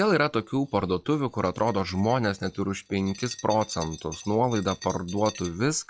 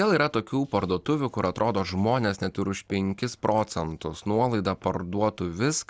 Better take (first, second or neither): second